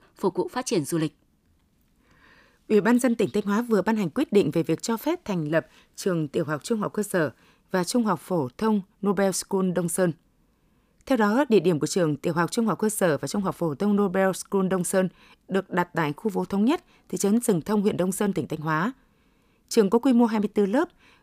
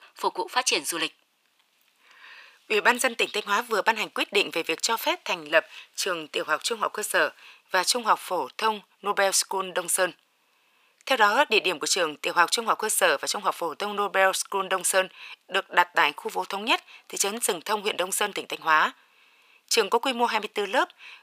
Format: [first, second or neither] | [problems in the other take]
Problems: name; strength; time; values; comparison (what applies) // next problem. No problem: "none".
first | thin; very; fading below 800 Hz